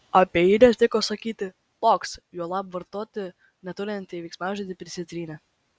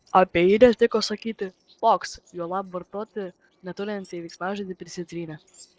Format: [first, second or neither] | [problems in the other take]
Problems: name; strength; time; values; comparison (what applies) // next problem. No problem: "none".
first | noise reduction (neural separator model SepFormer DNS4)